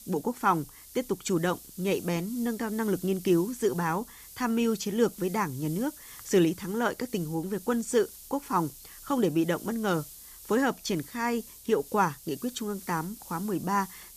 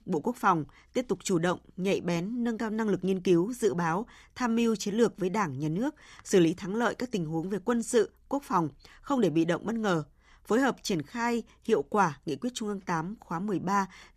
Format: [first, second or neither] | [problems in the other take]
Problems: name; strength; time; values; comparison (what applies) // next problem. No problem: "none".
second | hiss; noticeable; throughout; 15 dB below the speech